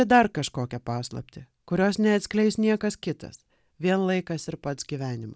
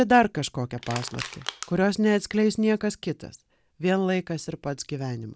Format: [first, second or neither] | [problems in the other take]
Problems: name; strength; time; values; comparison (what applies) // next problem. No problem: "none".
first | background sound (Crushing); 12 dB below the speech